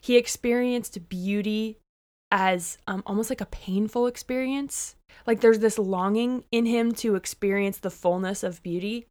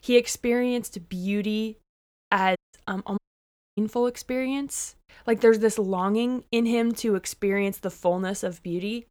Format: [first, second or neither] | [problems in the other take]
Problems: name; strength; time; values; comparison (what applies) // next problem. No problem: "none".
first | audio cutting out; at 2.5 s and at 3 s for 0.5 s